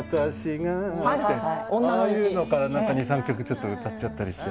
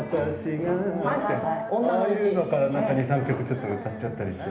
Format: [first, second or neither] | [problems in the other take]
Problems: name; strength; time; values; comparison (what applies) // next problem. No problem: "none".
first | background sound (Fireworks); 15 dB below the speech // room echo; dies away in 1 s